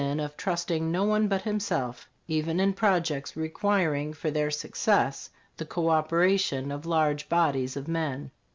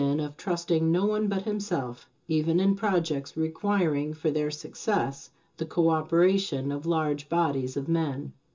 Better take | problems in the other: first | room echo; dies away in 0.2 s

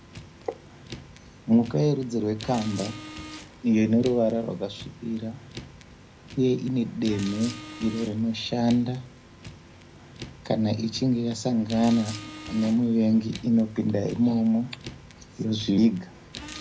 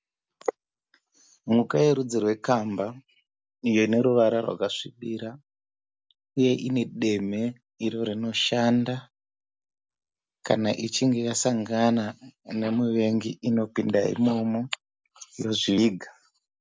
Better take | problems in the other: second | background sound (Car); 17 dB below the speech // room echo; dies away in 0.4 s

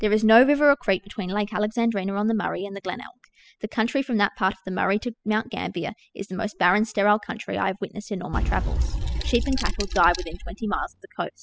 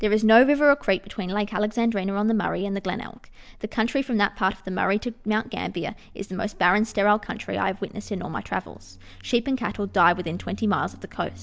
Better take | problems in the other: second | noise reduction (classical method spectral subtraction)

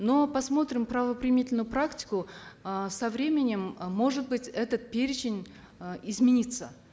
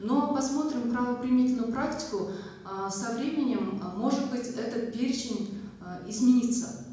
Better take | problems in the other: first | room echo; dies away in 1 s

